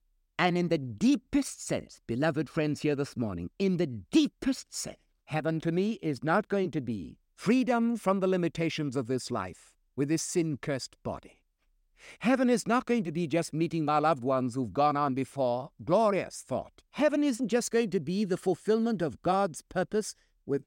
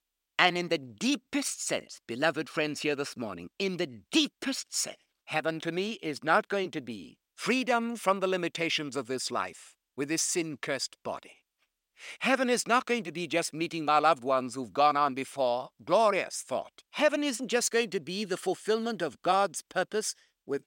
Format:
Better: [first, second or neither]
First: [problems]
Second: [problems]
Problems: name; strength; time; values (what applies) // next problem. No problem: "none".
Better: first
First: none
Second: thin; somewhat; fading below 850 Hz